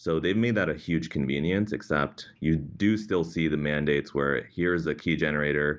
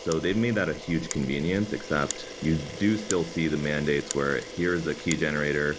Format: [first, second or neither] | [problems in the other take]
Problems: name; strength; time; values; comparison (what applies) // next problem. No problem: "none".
first | background sound (Camera); 11 dB below the speech